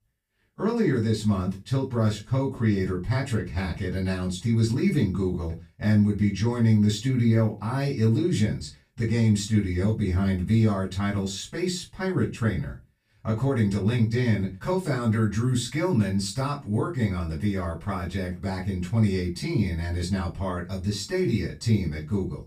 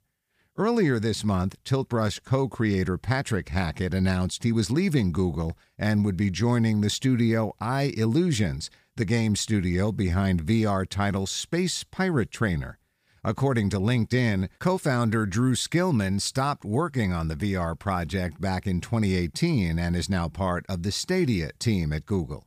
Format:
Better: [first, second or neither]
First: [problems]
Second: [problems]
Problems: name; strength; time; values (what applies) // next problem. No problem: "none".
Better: second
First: off-mic speech; far // room echo; very slight; dies away in 0.2 s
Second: none